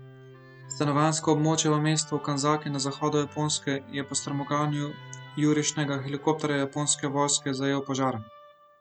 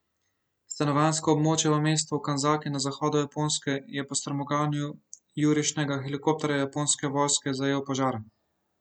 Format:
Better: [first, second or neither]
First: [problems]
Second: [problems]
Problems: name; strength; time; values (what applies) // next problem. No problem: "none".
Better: second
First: background sound (Musical instrument); 20 dB below the speech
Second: none